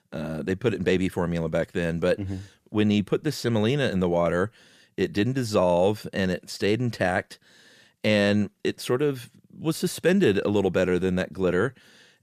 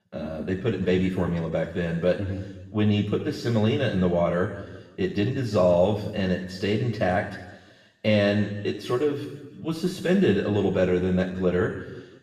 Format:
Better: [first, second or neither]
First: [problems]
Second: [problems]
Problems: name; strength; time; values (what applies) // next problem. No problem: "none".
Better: first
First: none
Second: room echo; noticeable; dies away in 1.1 s // off-mic speech; far